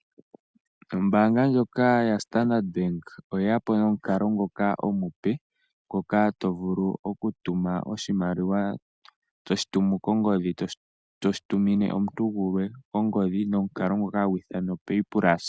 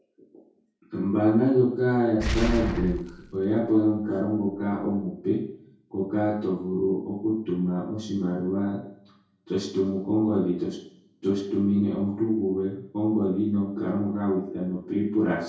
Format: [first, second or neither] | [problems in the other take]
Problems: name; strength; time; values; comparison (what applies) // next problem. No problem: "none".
first | background sound (Boom); 7 dB below the speech // room echo; dies away in 0.6 s